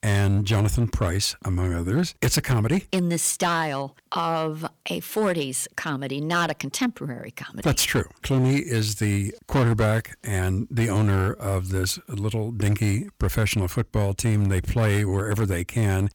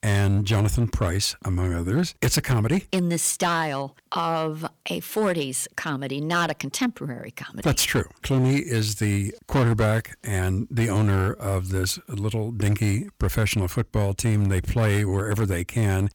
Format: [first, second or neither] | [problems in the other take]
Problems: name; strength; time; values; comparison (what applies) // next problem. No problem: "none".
neither | distortion; slight; 8% of the sound clipped; the same in both